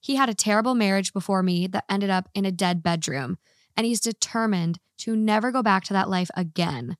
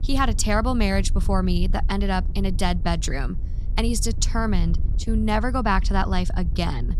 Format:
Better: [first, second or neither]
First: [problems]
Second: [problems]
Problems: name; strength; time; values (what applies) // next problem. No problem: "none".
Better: first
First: none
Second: wind noise on the microphone; occasional gusts; 20 dB below the speech